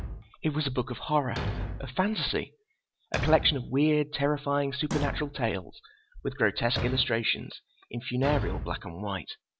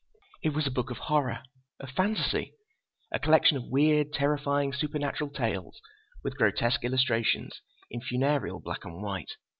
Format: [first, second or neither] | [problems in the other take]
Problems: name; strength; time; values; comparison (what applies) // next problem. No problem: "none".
second | background sound (Thump, thud); 8 dB below the speech